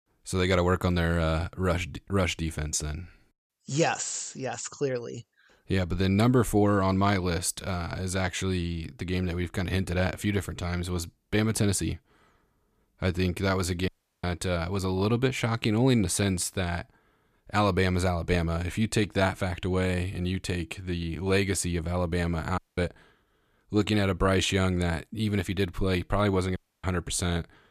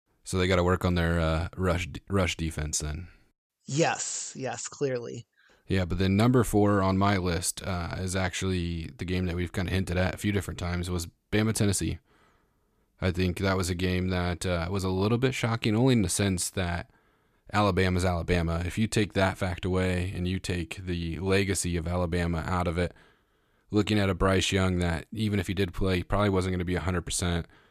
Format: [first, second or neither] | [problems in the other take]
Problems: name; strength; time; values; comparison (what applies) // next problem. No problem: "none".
second | audio cutting out; at 14 s, at 23 s and at 27 s